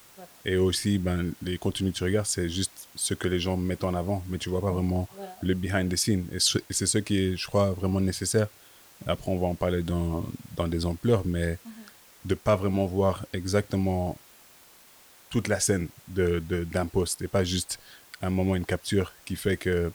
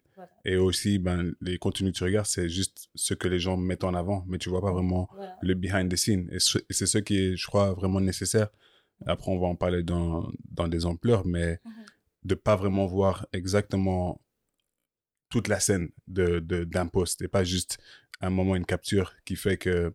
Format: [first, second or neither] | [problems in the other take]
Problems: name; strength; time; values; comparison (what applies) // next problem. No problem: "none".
second | hiss; faint; throughout; 25 dB below the speech